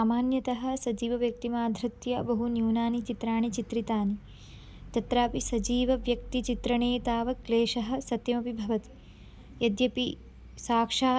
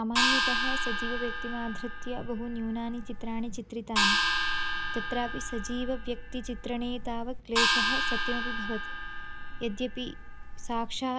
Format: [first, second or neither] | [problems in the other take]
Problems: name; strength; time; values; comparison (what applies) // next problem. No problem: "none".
first | background sound (Gong); 4 dB above the speech